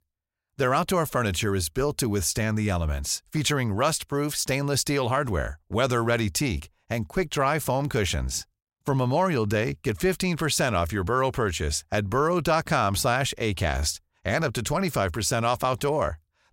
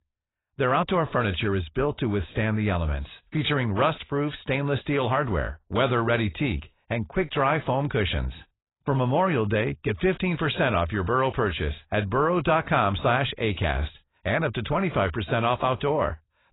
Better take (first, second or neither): first